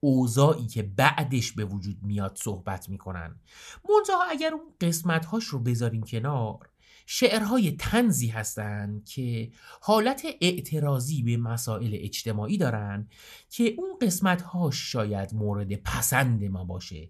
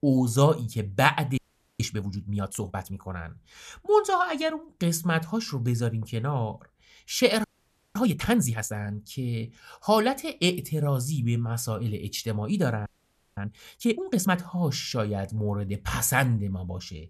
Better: first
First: none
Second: audio freezing; at 1.5 s, at 7.5 s for 0.5 s and at 13 s for 0.5 s

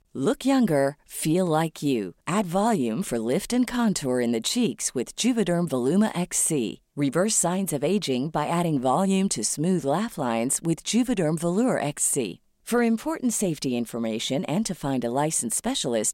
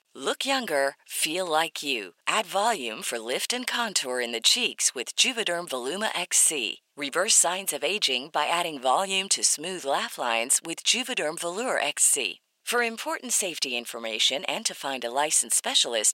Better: first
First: none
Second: thin; very; fading below 650 Hz

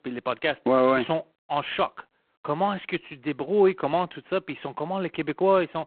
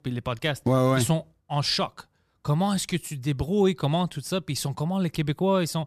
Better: second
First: phone-call audio; poor line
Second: none

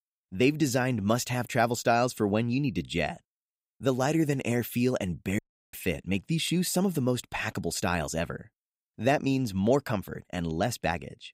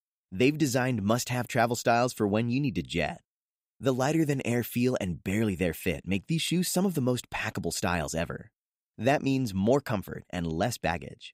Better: second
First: audio cutting out; at 5.5 s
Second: none

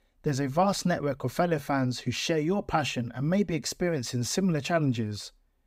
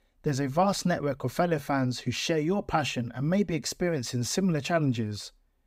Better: neither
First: none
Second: none

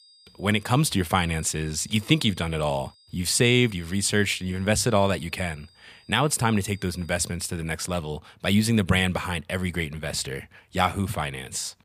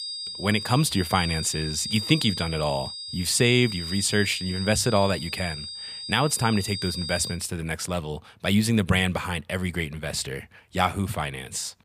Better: first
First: high-pitched whine; faint; until 7.5 s; 5 kHz, 30 dB below the speech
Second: high-pitched whine; loud; until 7.5 s; 5 kHz, 7 dB below the speech

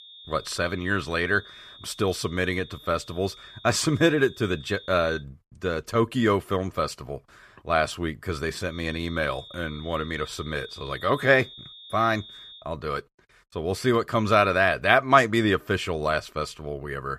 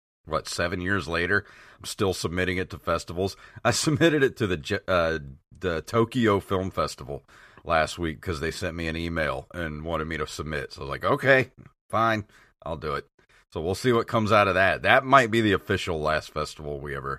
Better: second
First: high-pitched whine; noticeable; until 5 s and from 8.5 to 13 s; 3.5 kHz, 20 dB below the speech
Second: none

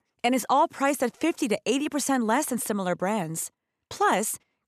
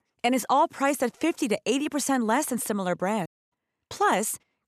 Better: first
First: none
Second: audio cutting out; at 3.5 s

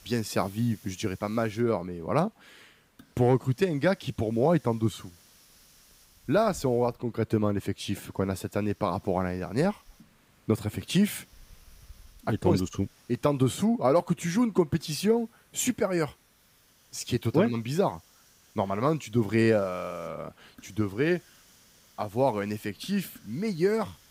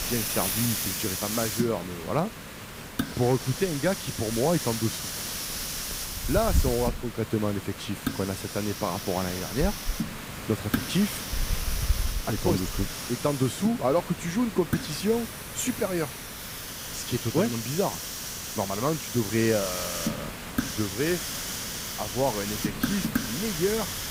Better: first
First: hiss; faint; throughout; 30 dB below the speech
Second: hiss; loud; throughout; 3 dB below the speech

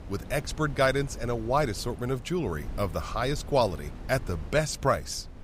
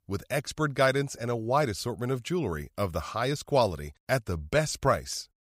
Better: second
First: wind noise on the microphone; occasional gusts; 20 dB below the speech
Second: none

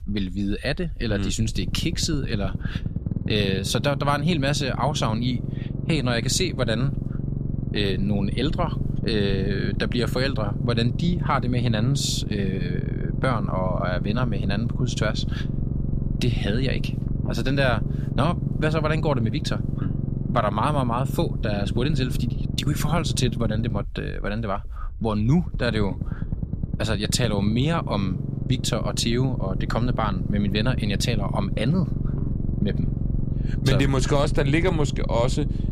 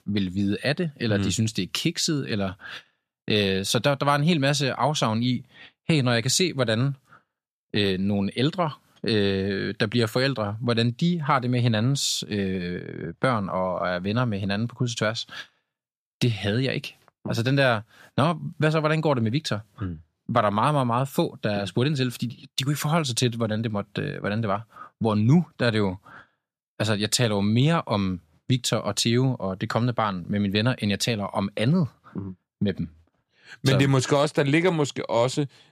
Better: second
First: low rumble; noticeable; throughout; 10 dB below the speech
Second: none

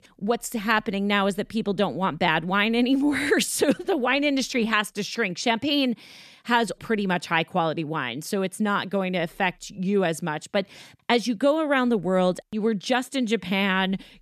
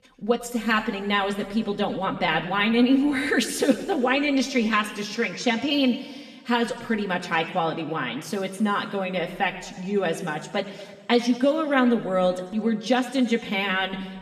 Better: first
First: none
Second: room echo; slight; dies away in 1.4 s // off-mic speech; somewhat distant

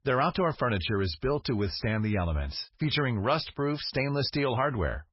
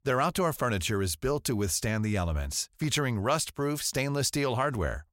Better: second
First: garbled, watery; badly; nothing above 5.5 kHz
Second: none

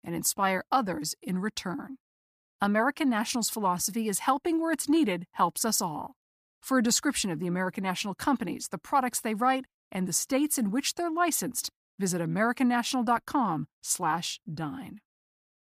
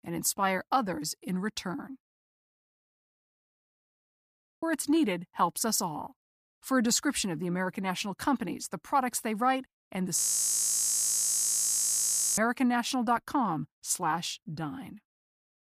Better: first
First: none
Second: audio freezing; at 2.5 s for 2 s and at 10 s for 2 s

